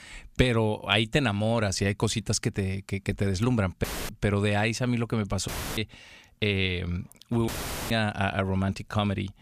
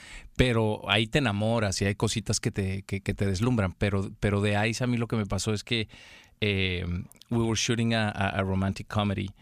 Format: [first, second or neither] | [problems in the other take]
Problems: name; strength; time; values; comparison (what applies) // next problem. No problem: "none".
second | audio cutting out; filled with static; at 4 s, at 5.5 s and at 7.5 s